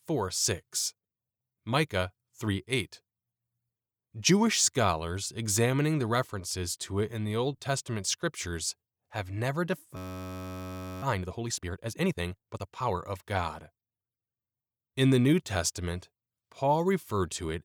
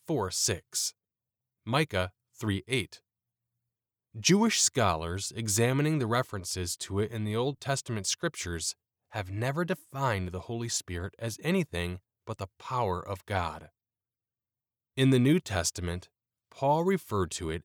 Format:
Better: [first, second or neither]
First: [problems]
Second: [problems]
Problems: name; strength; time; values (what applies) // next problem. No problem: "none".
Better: second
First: audio freezing; at 10 s for 1 s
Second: none